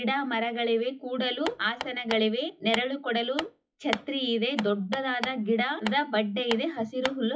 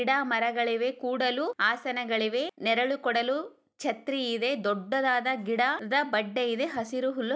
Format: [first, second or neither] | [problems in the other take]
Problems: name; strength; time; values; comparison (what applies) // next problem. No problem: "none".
second | noise reduction (classical method WPE with log-MMSE)